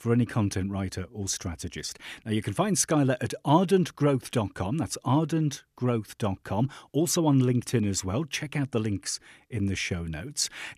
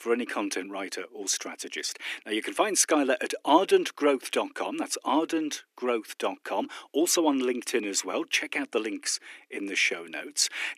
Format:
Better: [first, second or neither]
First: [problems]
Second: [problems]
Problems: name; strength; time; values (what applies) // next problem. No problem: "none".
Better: first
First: none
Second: thin; somewhat; fading below 300 Hz